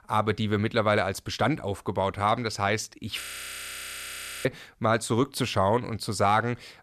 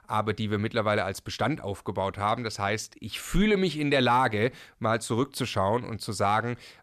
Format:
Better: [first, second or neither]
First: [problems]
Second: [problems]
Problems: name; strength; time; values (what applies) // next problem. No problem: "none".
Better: second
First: audio freezing; at 3 s for 1 s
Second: none